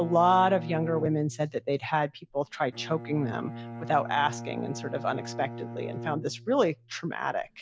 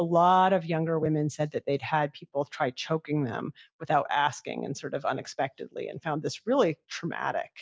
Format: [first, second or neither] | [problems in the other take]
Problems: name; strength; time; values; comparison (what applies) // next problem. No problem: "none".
second | background sound (Bowed string instrument); 12 dB below the speech